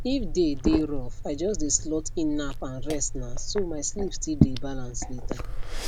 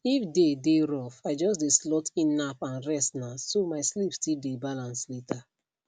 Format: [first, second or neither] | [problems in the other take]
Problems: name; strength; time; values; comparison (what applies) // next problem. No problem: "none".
second | background sound (Liquid); 1 dB above the speech